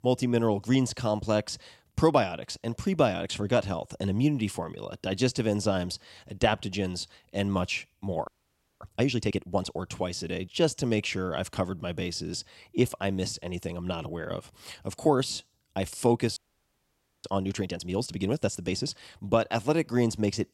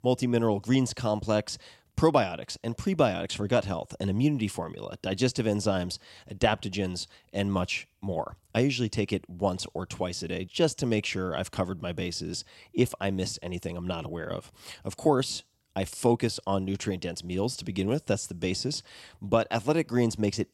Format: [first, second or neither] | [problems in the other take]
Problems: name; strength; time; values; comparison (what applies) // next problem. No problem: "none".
second | audio freezing; at 8.5 s for 0.5 s and at 16 s for 1 s